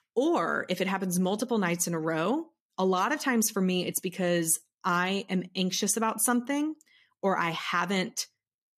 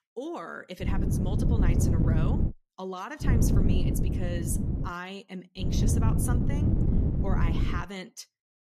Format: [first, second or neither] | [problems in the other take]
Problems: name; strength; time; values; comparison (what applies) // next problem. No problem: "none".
first | wind noise on the microphone; heavy; from 1 to 2.5 s, from 3 to 5 s and from 5.5 to 8 s; 1 dB above the speech